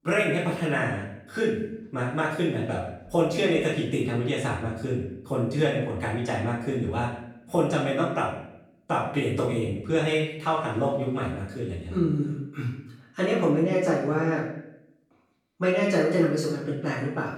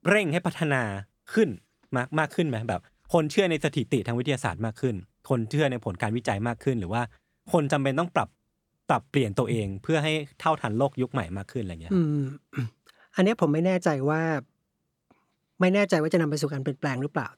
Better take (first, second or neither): second